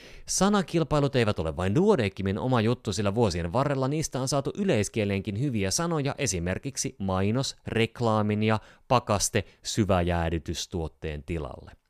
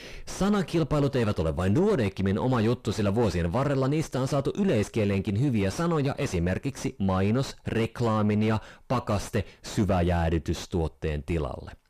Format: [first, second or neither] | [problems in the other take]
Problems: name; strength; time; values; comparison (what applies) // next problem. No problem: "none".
first | distortion; heavy; 6 dB below the speech